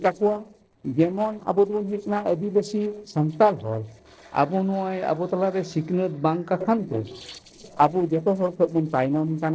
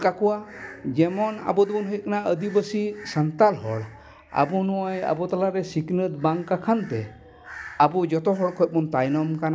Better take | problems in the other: second | noise reduction (neural separator model SepFormer DNS4)

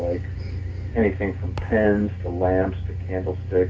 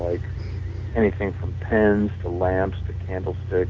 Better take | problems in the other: second | background sound (Thump, thud); 18 dB below the speech // room echo; dies away in 0.2 s

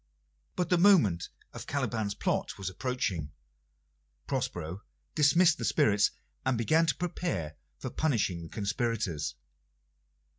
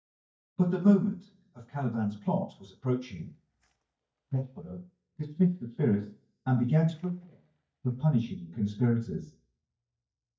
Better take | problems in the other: first | noise reduction (neural mask model DeepFilterNet 3)

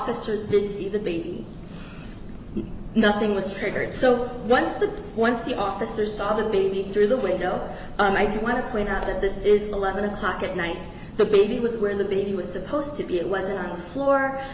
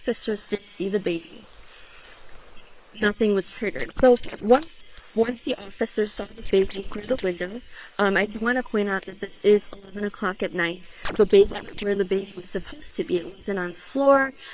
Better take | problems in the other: first | noise reduction (neural separator model SepFormer WHAM!)

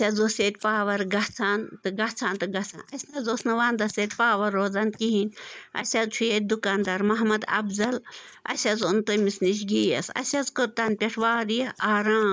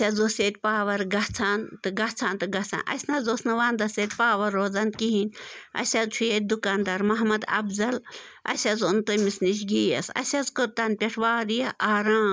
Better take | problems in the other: second | noise reduction (neural mask model DeepFilterNet 3)

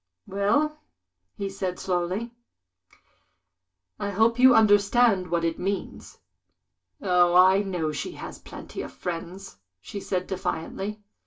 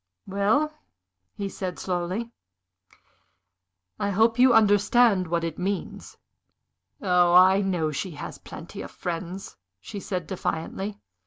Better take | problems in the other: second | room echo; dies away in 0.2 s

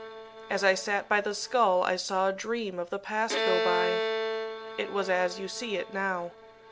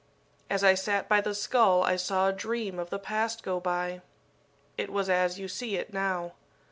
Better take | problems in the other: second | background sound (Bowed string instrument); 5 dB below the speech

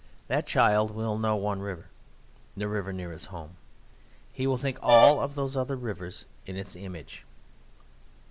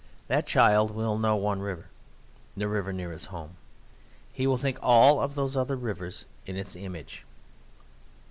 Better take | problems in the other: second | background sound (Brass instrument); 2 dB above the speech

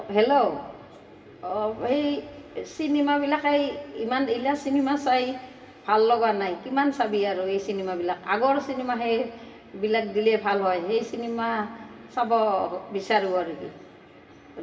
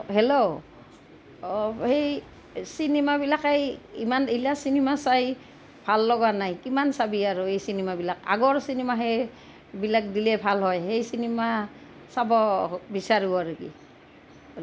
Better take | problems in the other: second | room echo; dies away in 2.1 s

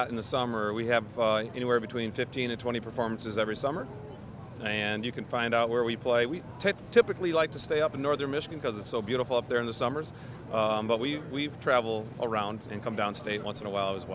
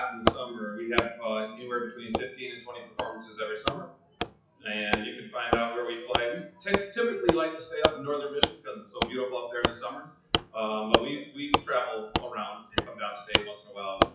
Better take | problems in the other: first | noise reduction (classical method WPE with log-MMSE)

